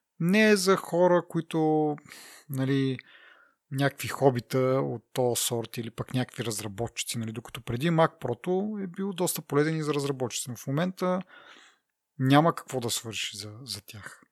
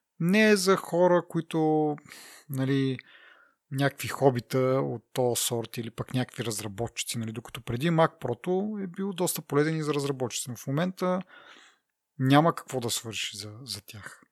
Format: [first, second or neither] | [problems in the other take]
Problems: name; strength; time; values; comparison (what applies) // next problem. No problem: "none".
neither | none